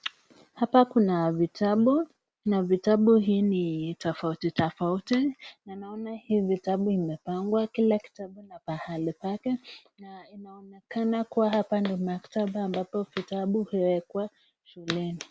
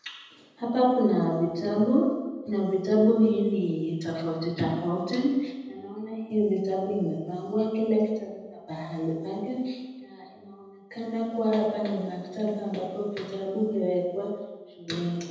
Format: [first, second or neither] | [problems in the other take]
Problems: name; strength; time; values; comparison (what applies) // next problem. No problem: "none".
first | room echo; dies away in 1 s